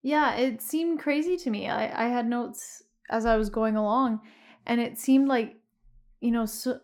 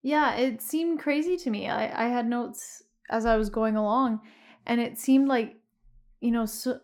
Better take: neither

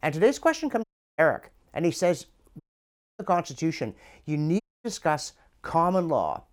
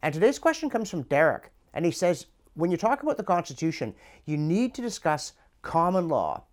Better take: second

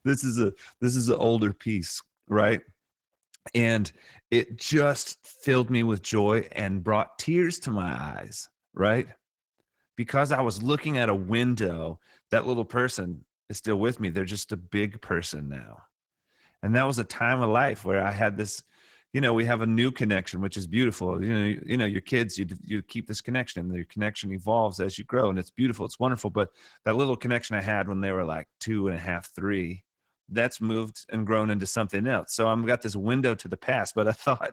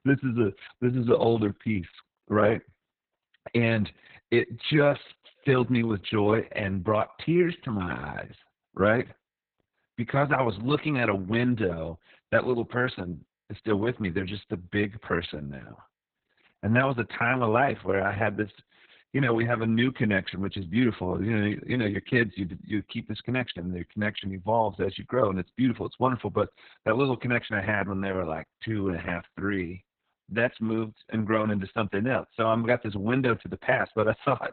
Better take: first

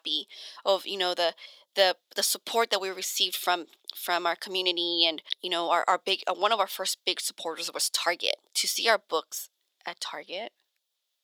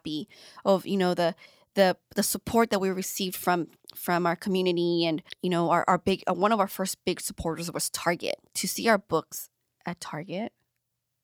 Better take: second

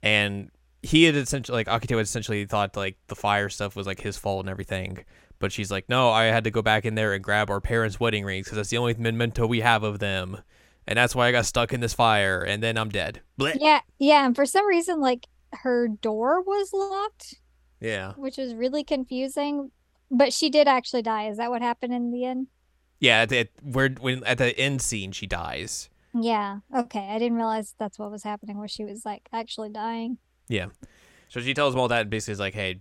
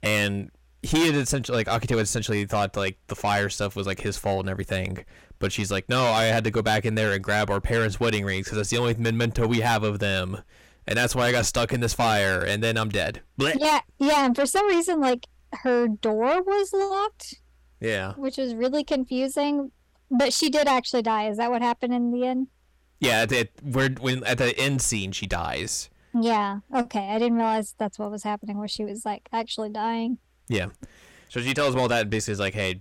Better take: first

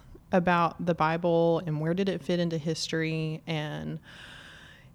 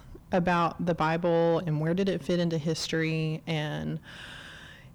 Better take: first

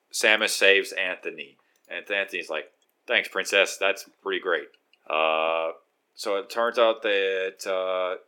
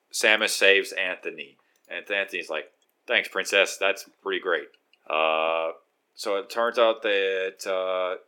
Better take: neither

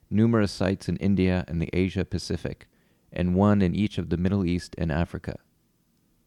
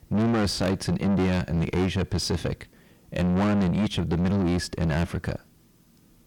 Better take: first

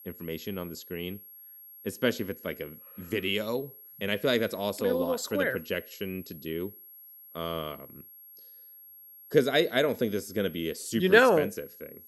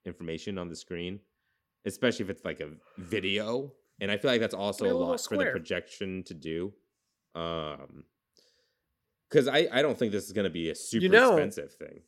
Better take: second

